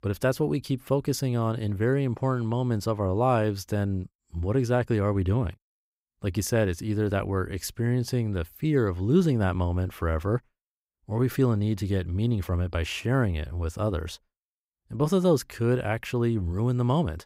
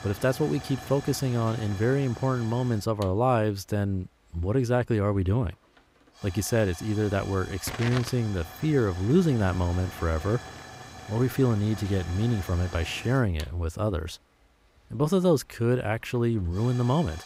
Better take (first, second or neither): first